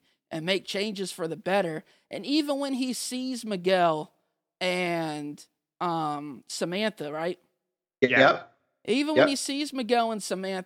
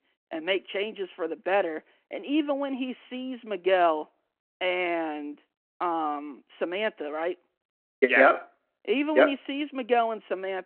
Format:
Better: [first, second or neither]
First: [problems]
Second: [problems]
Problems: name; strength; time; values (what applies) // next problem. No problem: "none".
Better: first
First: none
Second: phone-call audio